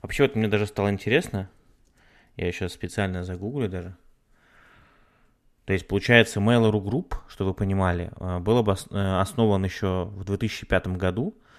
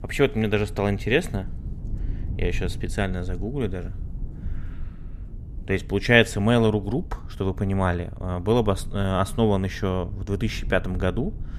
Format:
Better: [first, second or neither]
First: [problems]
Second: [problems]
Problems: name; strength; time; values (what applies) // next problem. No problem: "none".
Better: first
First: none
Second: low rumble; faint; throughout; 25 dB below the speech